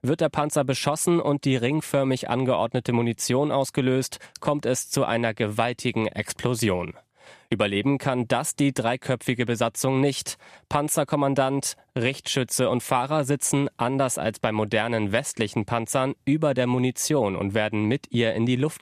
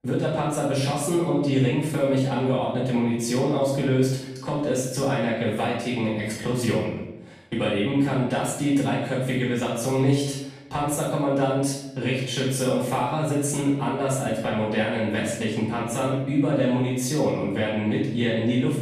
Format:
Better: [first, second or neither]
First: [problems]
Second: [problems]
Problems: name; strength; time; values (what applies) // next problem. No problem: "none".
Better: first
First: none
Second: room echo; noticeable; dies away in 0.8 s // off-mic speech; far